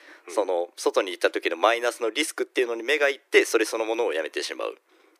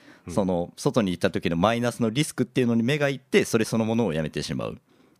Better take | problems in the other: second | thin; very; fading below 300 Hz

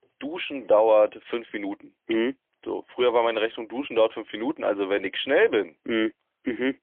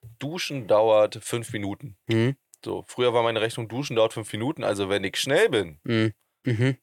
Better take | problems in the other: second | phone-call audio; poor line; nothing above 3.5 kHz

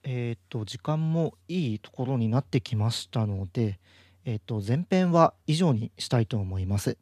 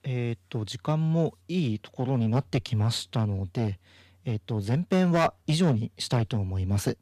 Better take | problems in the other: first | distortion; slight; 4% of the sound clipped

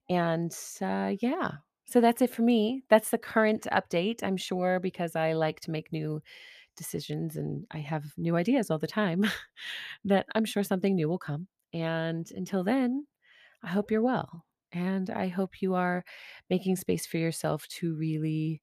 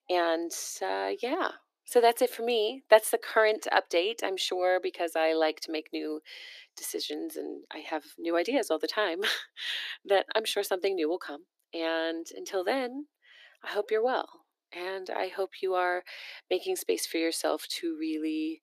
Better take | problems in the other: first | thin; very; fading below 300 Hz

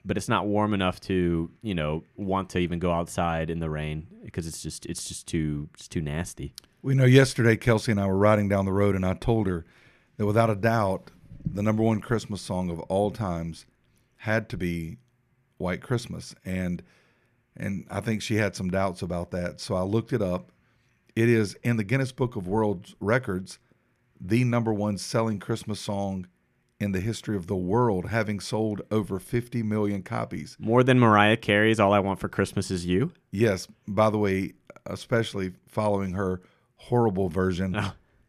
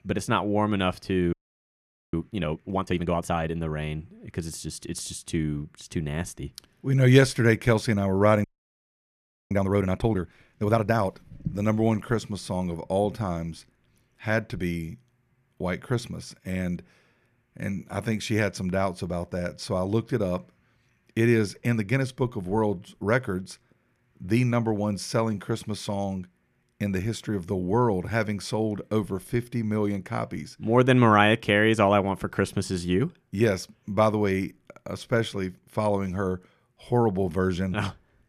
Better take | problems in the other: first | audio freezing; at 1.5 s for 1 s and at 8.5 s for 1 s

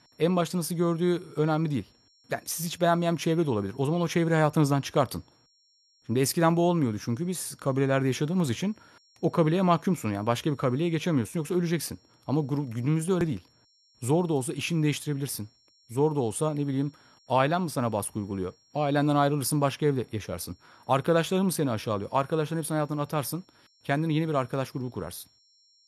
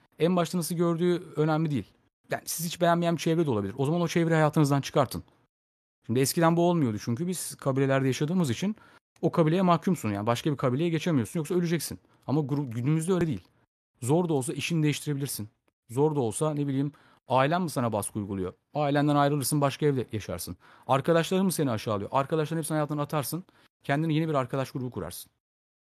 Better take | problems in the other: second | high-pitched whine; faint; throughout; 5.5 kHz, 35 dB below the speech

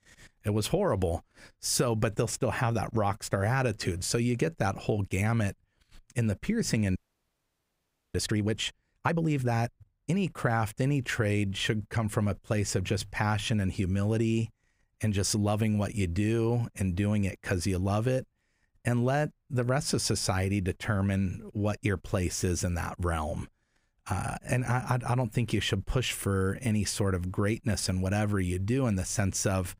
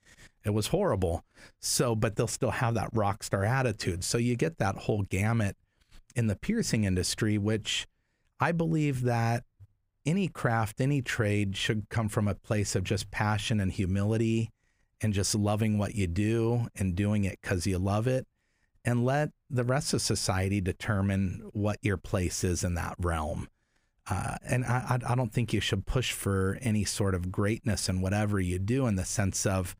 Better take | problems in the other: second | audio freezing; at 7 s for 1 s

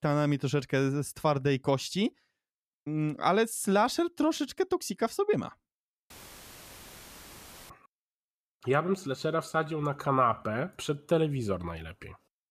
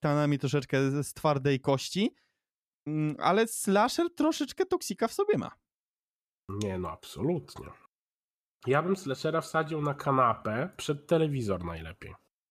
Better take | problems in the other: second | audio cutting out; filled with static; at 6 s for 1.5 s

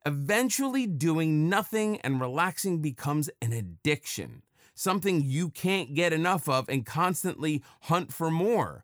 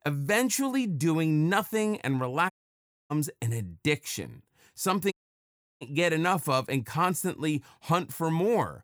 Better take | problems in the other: first | audio cutting out; at 2.5 s for 0.5 s and at 5 s for 0.5 s

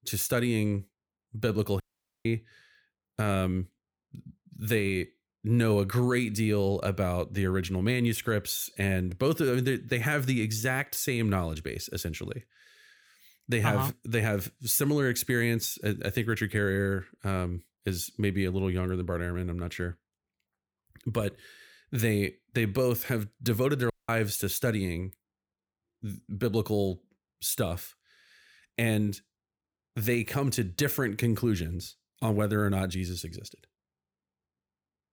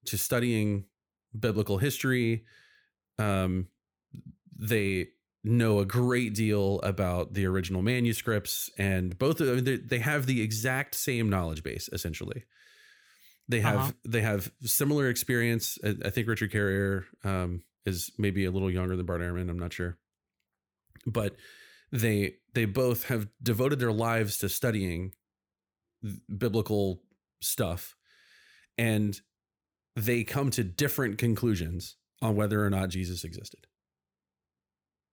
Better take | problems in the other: second | audio cutting out; at 2 s and at 24 s

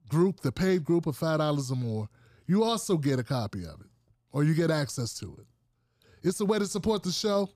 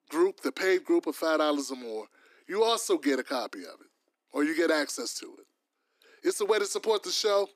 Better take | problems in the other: first | thin; somewhat; fading below 300 Hz

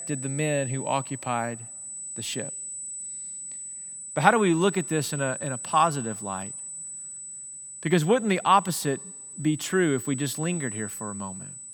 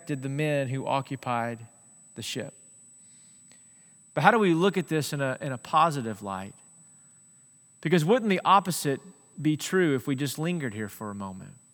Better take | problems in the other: second | high-pitched whine; loud; throughout; 8 kHz, 9 dB below the speech; faint in the second

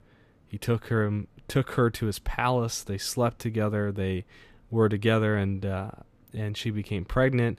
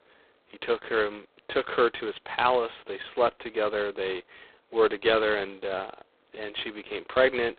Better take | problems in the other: first | phone-call audio; poor line; nothing above 4 kHz

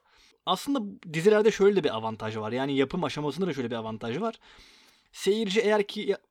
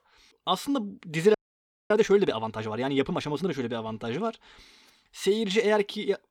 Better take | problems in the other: first | audio freezing; at 1.5 s for 0.5 s

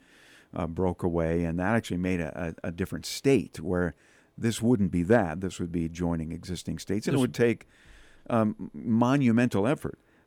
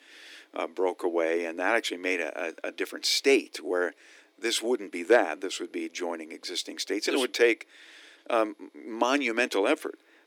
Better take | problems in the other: first | thin; somewhat; fading below 300 Hz

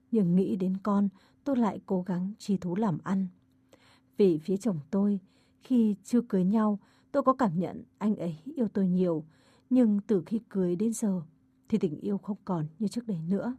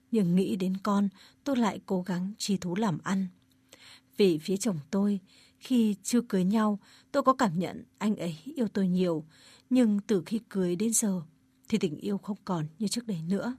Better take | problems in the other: second | muffled; slightly; fading above 1.5 kHz

